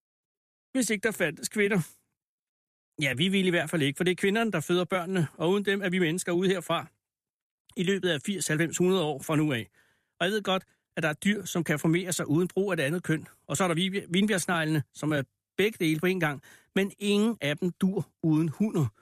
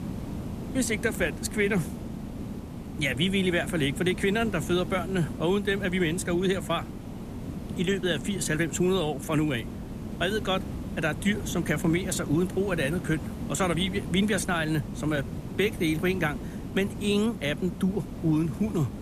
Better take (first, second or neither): first